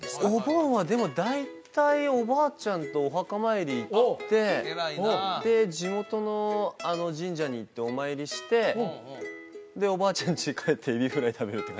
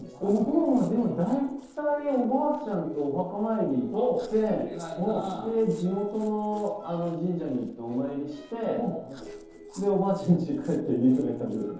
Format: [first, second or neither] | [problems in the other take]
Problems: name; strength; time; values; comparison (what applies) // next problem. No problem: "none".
first | noise reduction (neural separator model SepFormer DNS4)